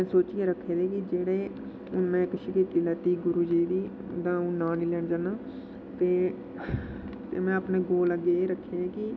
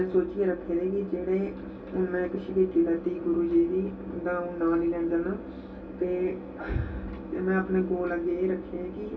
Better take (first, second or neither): first